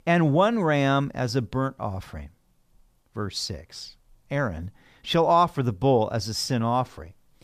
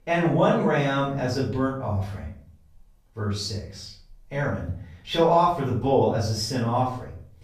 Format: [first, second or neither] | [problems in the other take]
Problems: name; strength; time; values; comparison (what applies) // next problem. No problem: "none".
first | off-mic speech; far // room echo; noticeable; dies away in 0.5 s